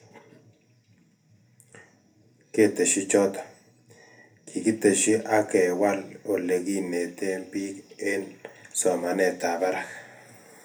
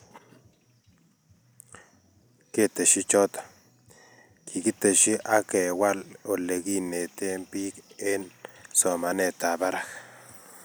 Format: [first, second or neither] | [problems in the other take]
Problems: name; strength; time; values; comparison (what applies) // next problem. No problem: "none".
second | room echo; dies away in 0.3 s